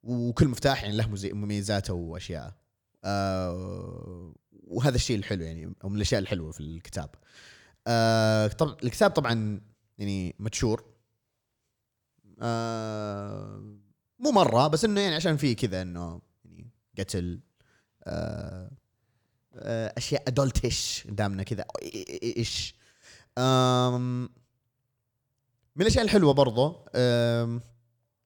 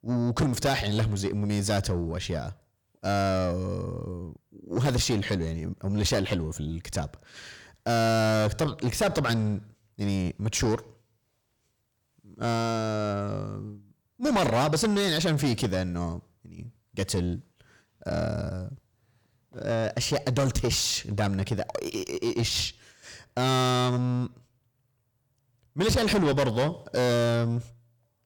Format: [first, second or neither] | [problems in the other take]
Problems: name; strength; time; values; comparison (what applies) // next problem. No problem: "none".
first | distortion; heavy; 6 dB below the speech